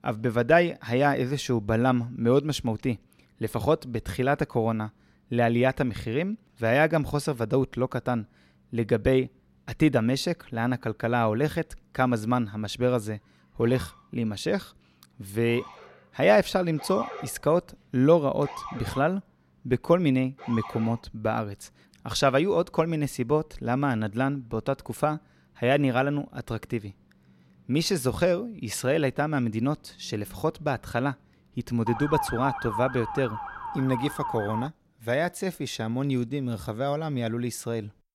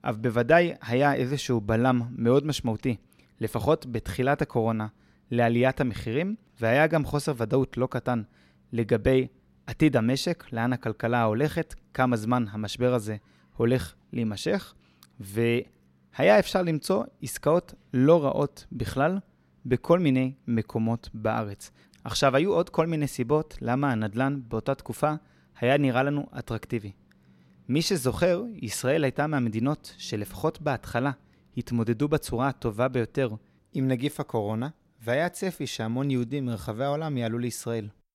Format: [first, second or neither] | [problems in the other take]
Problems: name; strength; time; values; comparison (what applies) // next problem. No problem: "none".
second | siren; noticeable; from 14 to 21 s and from 32 to 35 s; peak 3 dB below the speech